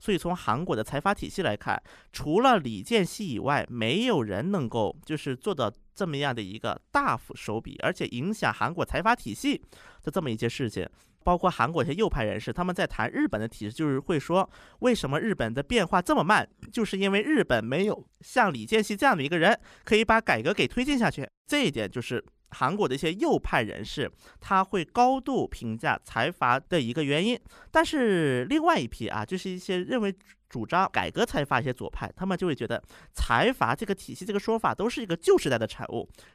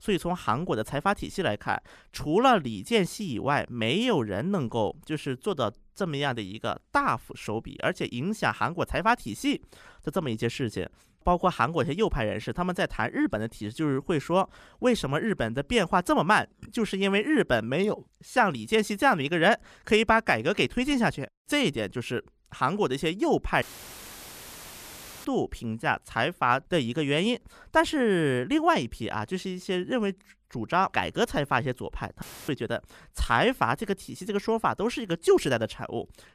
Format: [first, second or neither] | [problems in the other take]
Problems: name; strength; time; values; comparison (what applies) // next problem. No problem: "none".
first | audio cutting out; filled with static; at 24 s for 1.5 s and at 32 s